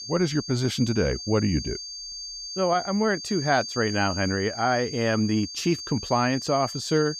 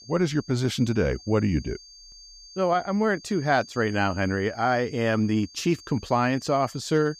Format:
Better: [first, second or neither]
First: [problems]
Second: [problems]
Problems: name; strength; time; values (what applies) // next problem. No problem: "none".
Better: second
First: high-pitched whine; loud; throughout; 4.5 kHz, 8 dB below the speech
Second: high-pitched whine; faint; throughout; 4.5 kHz, 20 dB below the speech